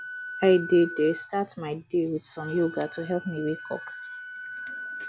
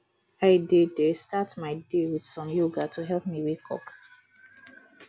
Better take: second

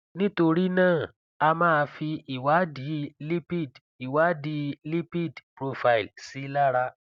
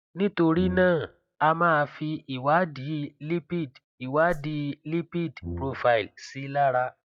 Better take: first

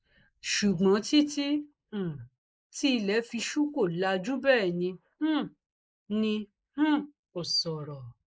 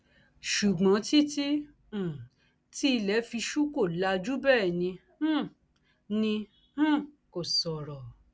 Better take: second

